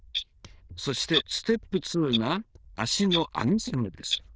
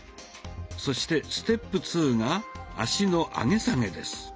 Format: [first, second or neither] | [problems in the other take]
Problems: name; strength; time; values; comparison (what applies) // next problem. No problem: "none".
second | noise reduction (neural diffusion model UNIVERSE++)